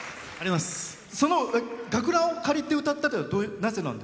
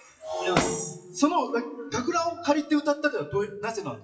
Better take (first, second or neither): first